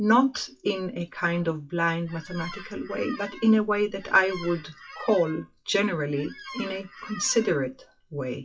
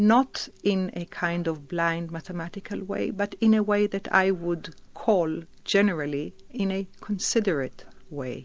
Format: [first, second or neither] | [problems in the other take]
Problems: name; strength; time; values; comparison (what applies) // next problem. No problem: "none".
second | noise reduction (classical method WPE with log-MMSE)